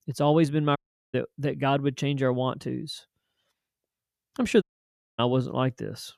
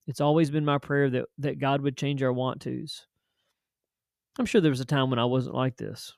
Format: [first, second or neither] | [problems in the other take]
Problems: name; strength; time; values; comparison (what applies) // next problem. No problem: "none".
second | audio cutting out; at 1 s and at 4.5 s for 0.5 s